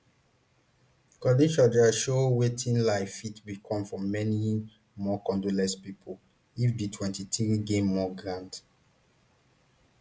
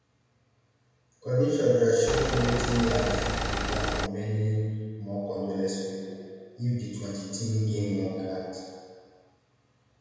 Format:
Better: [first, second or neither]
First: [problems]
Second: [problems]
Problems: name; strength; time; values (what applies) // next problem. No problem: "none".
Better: first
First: none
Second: background sound (Engine); as loud as the speech // room echo; dies away in 1.9 s